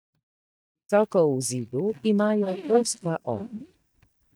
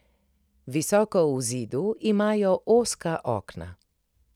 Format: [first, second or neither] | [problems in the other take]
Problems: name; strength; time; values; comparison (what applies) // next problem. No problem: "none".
second | noise reduction (neural mask model DeepFilterNet 3)